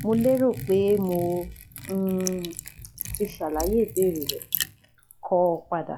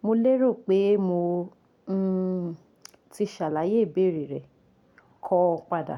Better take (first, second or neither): second